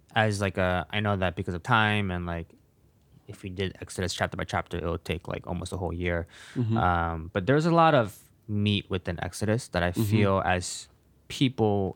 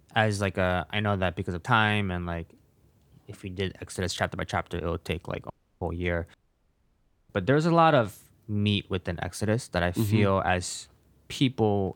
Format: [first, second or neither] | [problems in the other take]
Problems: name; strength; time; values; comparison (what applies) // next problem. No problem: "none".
first | audio cutting out; at 5.5 s and at 6.5 s for 1 s